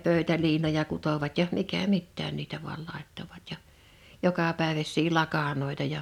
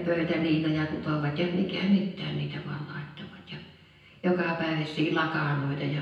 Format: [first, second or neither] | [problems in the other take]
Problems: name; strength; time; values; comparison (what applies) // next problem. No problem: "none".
first | room echo; dies away in 0.9 s